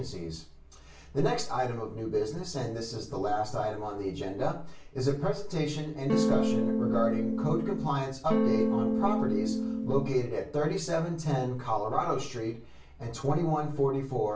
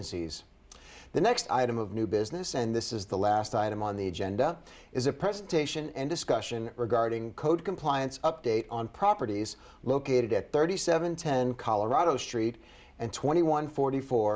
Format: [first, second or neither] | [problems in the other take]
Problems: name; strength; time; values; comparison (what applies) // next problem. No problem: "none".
second | background sound (Electric guitar / Strum); 3 dB above the speech // room echo; dies away in 0.3 s